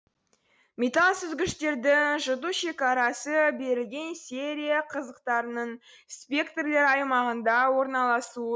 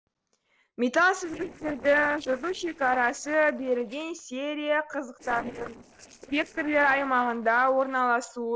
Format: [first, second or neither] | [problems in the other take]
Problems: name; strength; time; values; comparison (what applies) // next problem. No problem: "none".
first | noise reduction (neural separator model SepFormer DNS4)